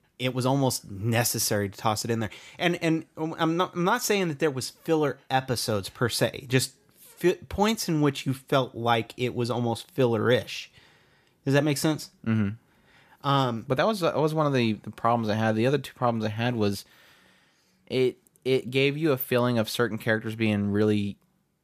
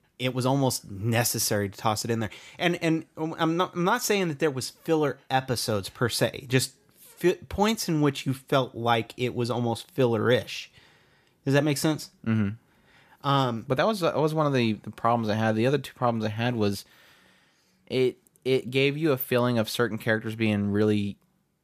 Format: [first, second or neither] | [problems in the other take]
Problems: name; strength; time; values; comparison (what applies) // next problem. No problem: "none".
neither | none